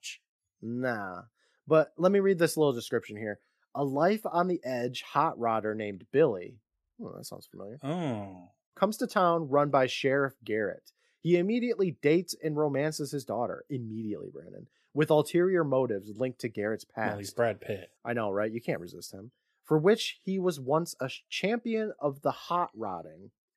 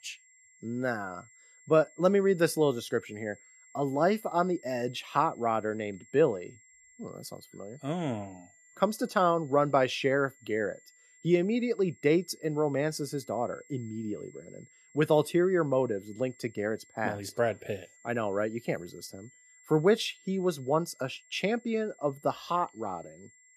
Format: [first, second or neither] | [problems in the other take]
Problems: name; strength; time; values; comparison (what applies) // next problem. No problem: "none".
first | high-pitched whine; faint; throughout; 2 kHz, 25 dB below the speech